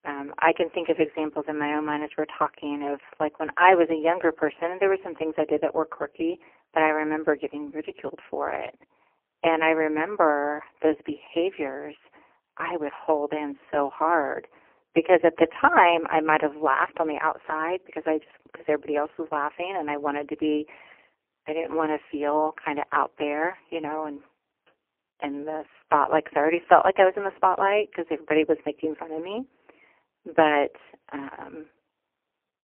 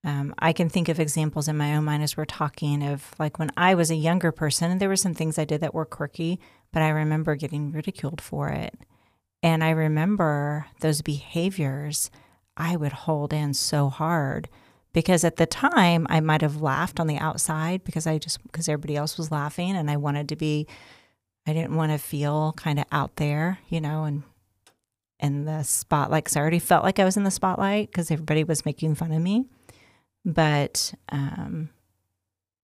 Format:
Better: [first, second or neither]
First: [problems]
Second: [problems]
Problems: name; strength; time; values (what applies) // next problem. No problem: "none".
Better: second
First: phone-call audio; poor line; nothing above 3 kHz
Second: none